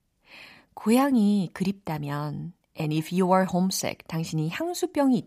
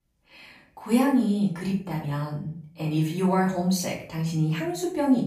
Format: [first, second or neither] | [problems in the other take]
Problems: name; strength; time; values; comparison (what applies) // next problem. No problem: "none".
first | off-mic speech; far // room echo; noticeable; dies away in 0.4 s